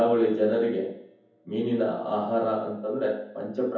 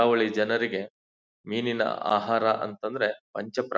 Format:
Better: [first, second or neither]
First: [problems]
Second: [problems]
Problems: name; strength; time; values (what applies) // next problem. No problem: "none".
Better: second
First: room echo; dies away in 0.7 s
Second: none